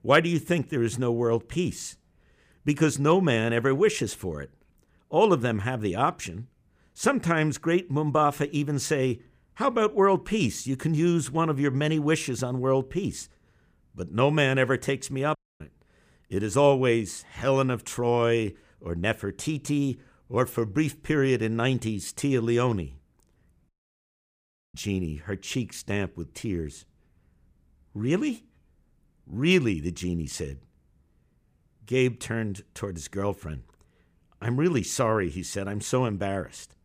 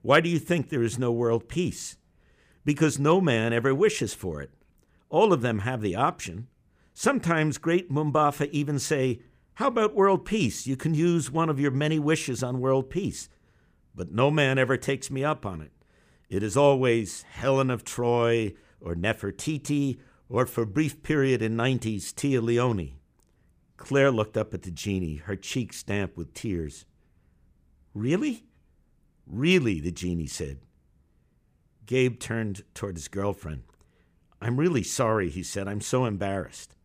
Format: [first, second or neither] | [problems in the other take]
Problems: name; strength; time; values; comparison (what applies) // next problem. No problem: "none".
second | audio cutting out; at 15 s and at 24 s for 1 s